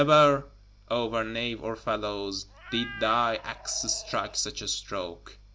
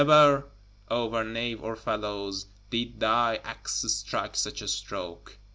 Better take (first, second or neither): second